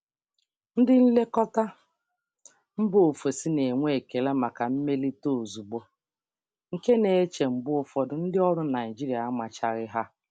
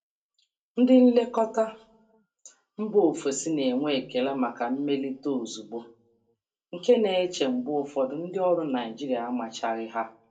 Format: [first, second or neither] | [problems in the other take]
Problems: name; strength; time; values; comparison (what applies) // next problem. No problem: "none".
first | room echo; dies away in 0.2 s